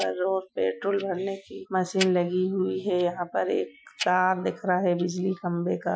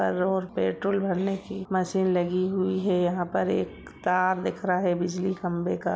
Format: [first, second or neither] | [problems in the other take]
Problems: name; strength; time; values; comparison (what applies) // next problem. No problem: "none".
second | noise reduction (classical method Wiener filter)